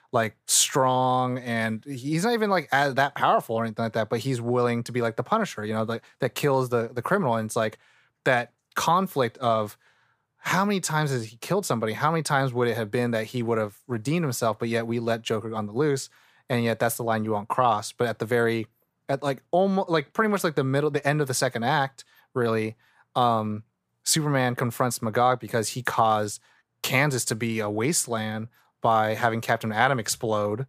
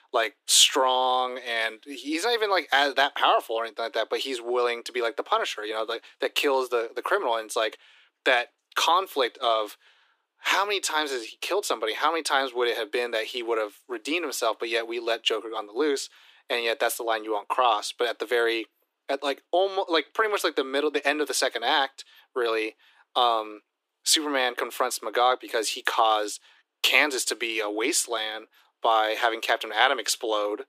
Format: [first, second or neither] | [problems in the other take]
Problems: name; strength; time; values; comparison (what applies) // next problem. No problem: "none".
first | thin; somewhat; fading below 300 Hz